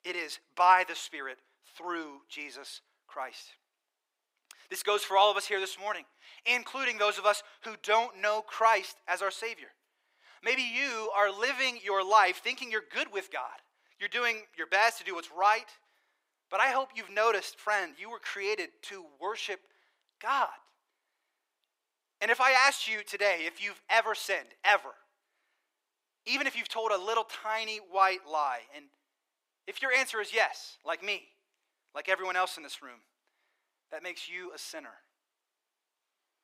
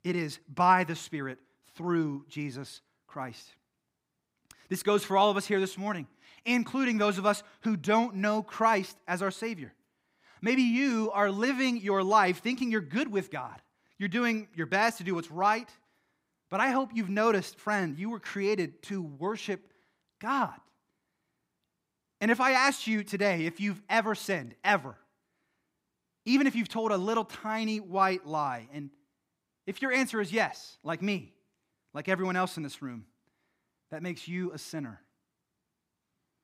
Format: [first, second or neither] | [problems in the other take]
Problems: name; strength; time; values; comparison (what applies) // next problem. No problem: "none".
second | thin; very; fading below 450 Hz